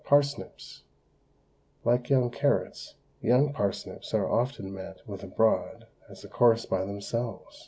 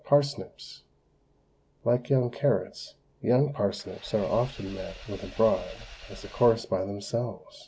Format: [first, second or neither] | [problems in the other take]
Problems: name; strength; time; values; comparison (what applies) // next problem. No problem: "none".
first | background sound (Engine / Vehicle); 18 dB below the speech